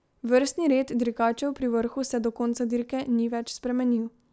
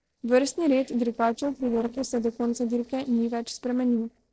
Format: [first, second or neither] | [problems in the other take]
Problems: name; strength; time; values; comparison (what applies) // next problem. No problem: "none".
first | noise reduction (neural separator model SepFormer DNS4)